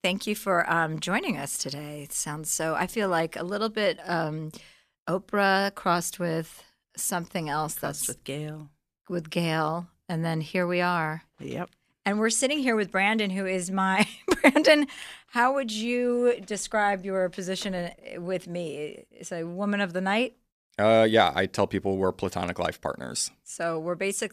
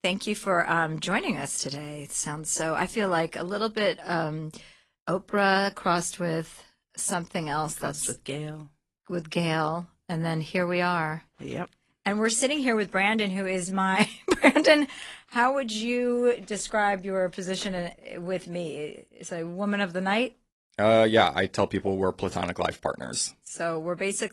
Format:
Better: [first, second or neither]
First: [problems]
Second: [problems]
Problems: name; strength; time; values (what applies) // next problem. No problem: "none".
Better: first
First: none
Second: garbled, watery; slightly